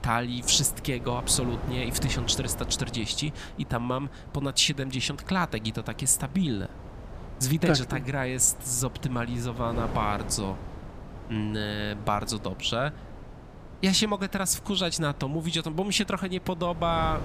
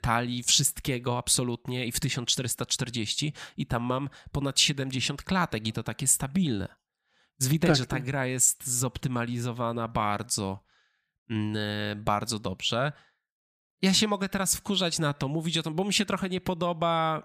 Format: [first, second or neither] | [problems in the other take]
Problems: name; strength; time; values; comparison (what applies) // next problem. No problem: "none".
second | wind noise on the microphone; occasional gusts; 15 dB below the speech